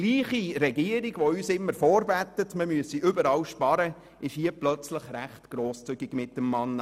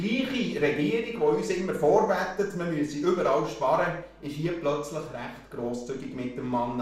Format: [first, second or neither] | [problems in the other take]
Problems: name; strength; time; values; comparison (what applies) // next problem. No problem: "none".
first | room echo; dies away in 0.5 s